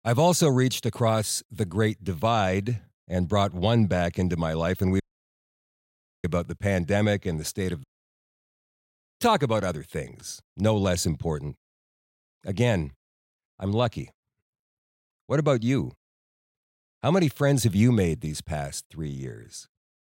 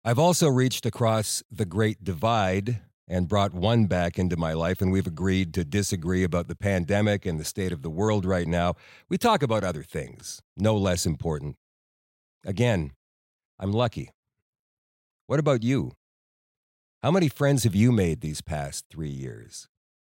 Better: second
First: audio cutting out; at 5 s for 1 s and at 8 s for 1.5 s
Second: none

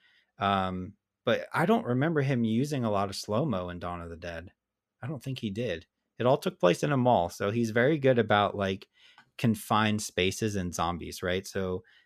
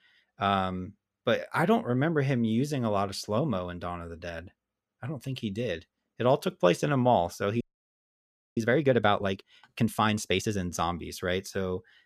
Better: first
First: none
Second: audio freezing; at 7.5 s for 1 s

